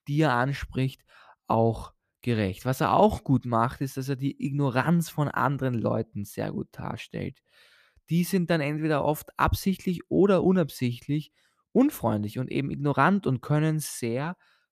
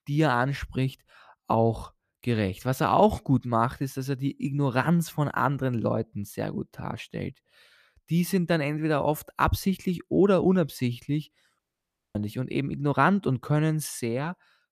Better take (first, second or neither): first